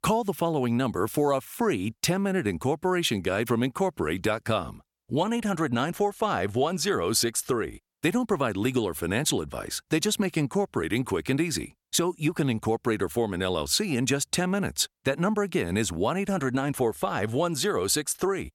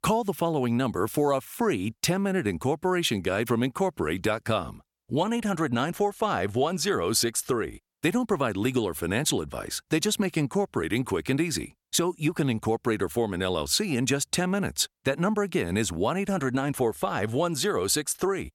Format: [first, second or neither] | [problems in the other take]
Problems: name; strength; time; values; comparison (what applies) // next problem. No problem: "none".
neither | none